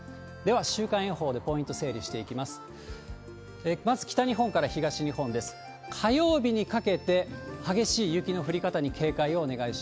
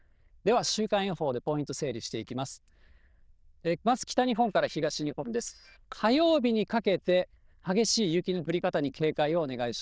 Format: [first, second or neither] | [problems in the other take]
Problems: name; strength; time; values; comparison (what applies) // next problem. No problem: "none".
first | noise reduction (neural diffusion model UNIVERSE++)